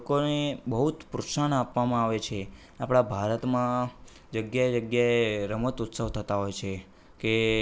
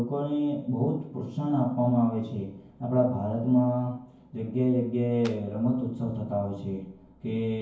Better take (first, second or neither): first